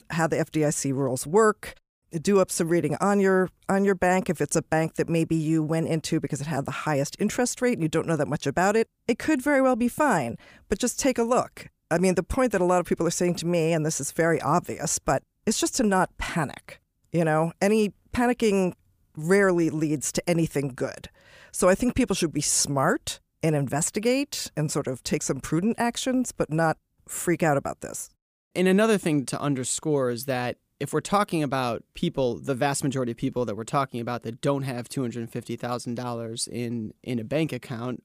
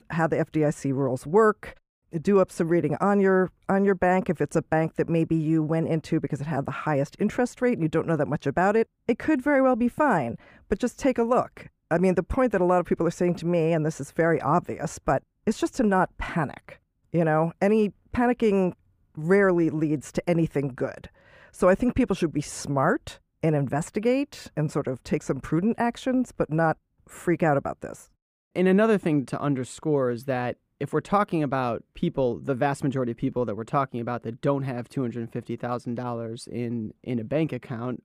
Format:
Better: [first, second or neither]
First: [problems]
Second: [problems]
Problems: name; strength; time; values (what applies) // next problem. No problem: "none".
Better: first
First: none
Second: muffled; slightly; fading above 3 kHz